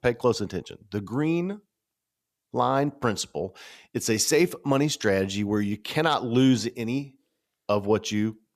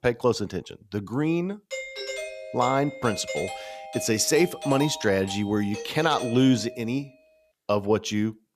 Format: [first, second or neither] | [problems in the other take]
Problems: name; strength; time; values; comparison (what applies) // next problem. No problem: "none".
first | doorbell; noticeable; from 1.5 to 7 s; peak 7 dB below the speech